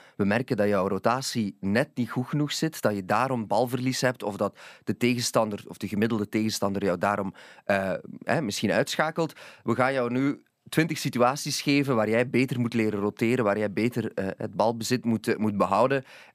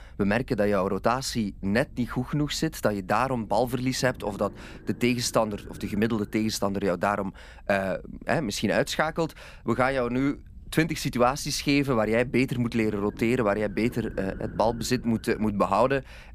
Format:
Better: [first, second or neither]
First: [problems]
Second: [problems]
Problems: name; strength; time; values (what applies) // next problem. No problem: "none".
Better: first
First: none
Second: low rumble; faint; throughout; 25 dB below the speech